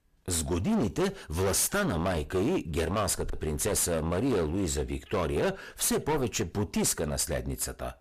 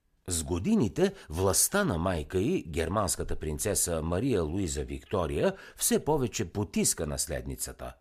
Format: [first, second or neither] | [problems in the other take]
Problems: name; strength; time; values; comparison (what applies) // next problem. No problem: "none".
second | distortion; heavy; 19% of the sound clipped